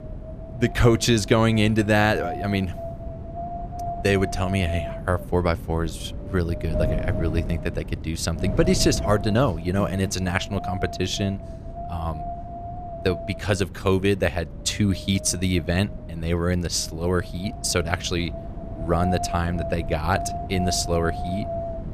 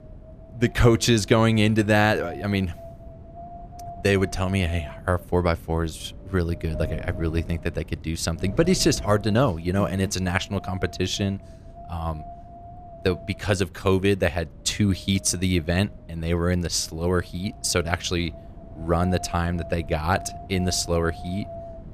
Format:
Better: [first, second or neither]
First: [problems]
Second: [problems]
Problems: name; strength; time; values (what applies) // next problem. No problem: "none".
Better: second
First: wind noise on the microphone; heavy; 8 dB below the speech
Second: wind noise on the microphone; occasional gusts; 15 dB below the speech